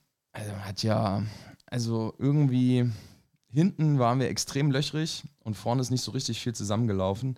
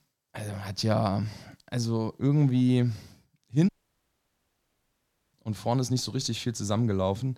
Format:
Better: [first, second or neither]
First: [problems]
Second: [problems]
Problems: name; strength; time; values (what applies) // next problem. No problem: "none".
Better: first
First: none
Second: audio cutting out; at 3.5 s for 1.5 s